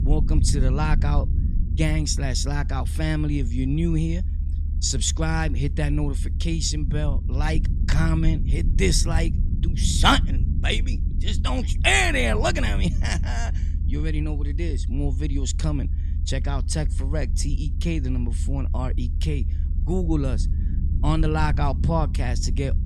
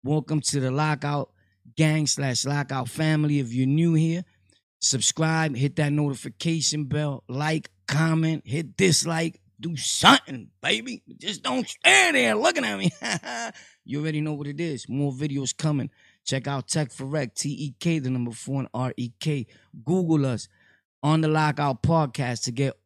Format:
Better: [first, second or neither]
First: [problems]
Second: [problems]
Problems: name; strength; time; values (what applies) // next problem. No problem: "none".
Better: second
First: low rumble; noticeable; throughout; 15 dB below the speech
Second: none